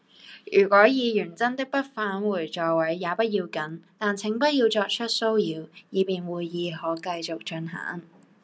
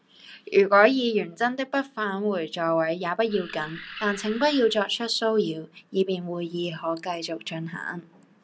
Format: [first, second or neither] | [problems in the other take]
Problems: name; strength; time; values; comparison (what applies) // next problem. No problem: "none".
first | background sound (Animal); 15 dB below the speech